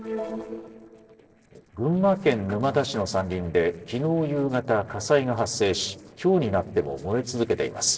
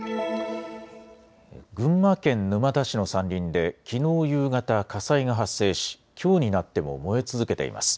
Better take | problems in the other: second | noise reduction (neural separator model SepFormer DNS4)

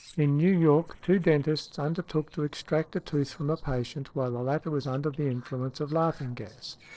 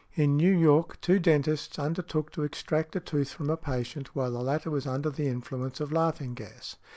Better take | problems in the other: second | noise reduction (neural separator model SepFormer DNS4)

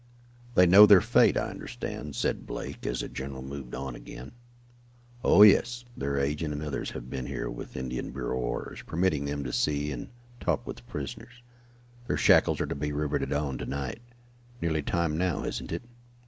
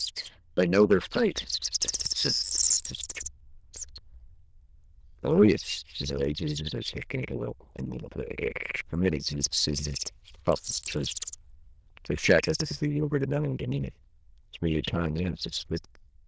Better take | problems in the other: first | noise reduction (neural diffusion model UNIVERSE++)

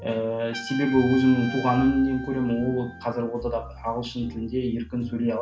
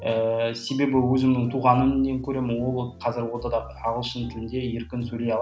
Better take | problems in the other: second | background sound (Trumpet); 16 dB below the speech // room echo; dies away in 0.1 s

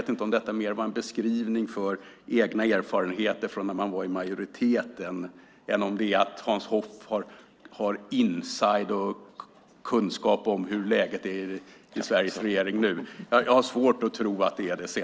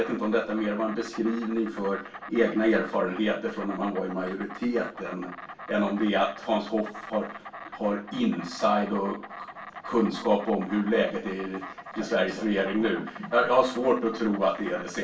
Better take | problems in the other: first | background sound (Insect); 15 dB below the speech // room echo; dies away in 0.2 s

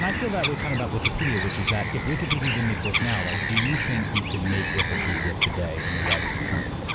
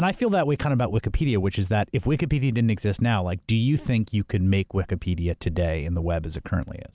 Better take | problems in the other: second | background sound (Bird vocalization, bird call, bird song); 1 dB above the speech

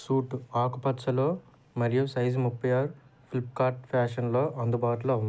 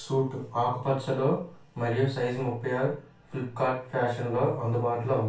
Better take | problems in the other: first | room echo; dies away in 0.3 s

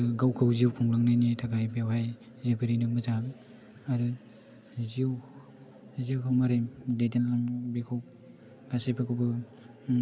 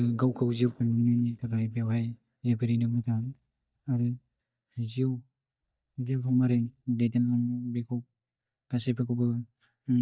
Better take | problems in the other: first | noise reduction (neural mask model DeepFilterNet 3)

